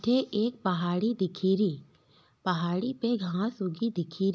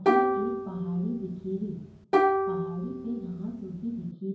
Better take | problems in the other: first | background sound (Plucked string instrument); 5 dB above the speech // room echo; dies away in 0.9 s

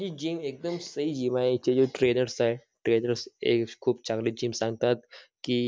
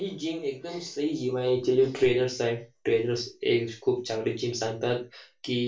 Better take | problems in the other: first | room echo; dies away in 0.2 s

